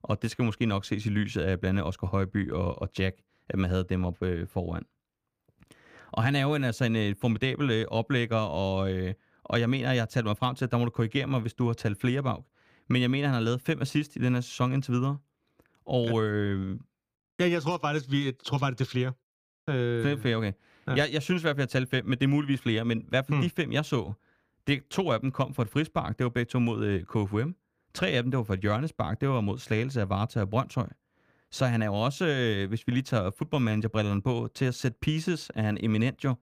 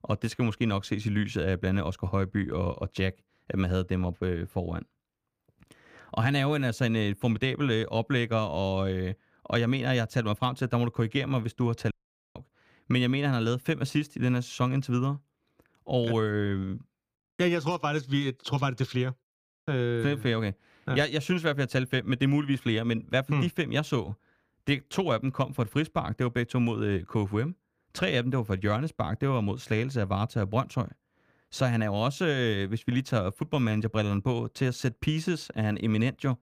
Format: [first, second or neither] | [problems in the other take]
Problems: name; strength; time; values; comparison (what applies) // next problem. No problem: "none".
first | audio cutting out; at 12 s